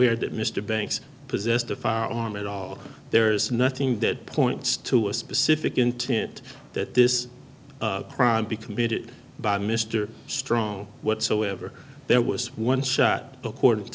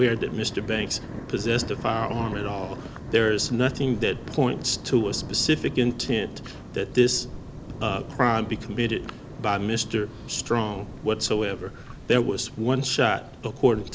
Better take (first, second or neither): first